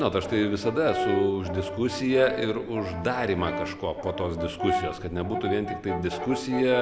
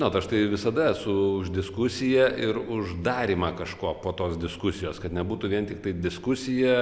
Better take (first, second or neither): second